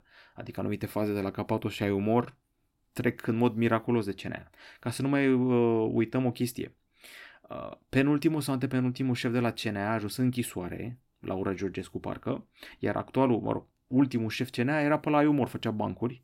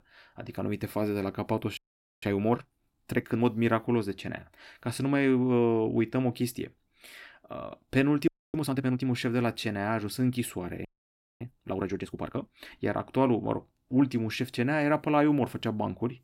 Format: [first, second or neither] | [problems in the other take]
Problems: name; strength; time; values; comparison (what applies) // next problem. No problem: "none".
first | audio freezing; at 2 s, at 8.5 s and at 11 s for 0.5 s